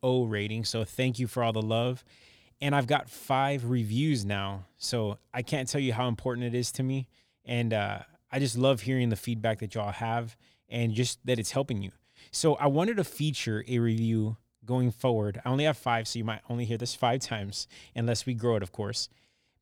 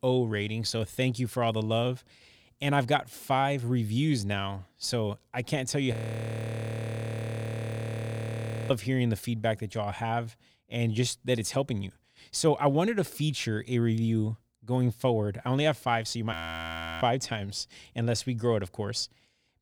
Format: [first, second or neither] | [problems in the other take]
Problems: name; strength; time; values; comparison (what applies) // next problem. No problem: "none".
first | audio freezing; at 6 s for 3 s and at 16 s for 0.5 s